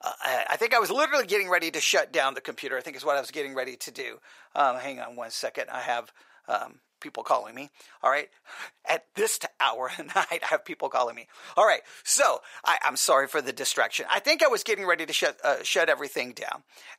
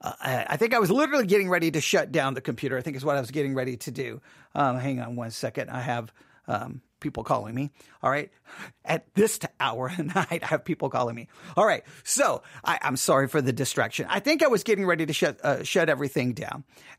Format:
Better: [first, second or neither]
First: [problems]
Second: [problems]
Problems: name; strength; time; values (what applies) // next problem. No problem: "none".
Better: second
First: thin; very; fading below 650 Hz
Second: none